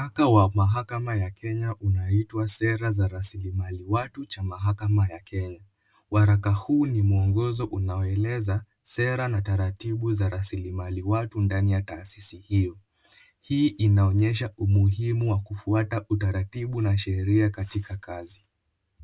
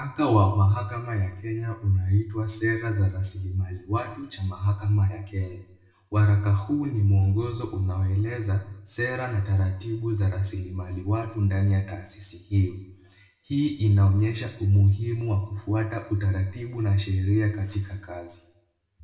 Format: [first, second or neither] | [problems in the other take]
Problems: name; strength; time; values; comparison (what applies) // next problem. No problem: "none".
first | room echo; dies away in 0.8 s